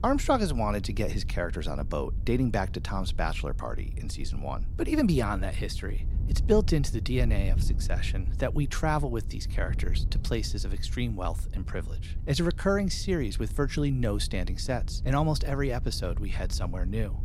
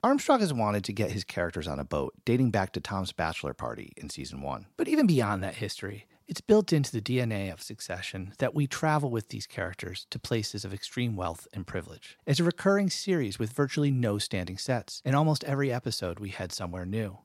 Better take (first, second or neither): second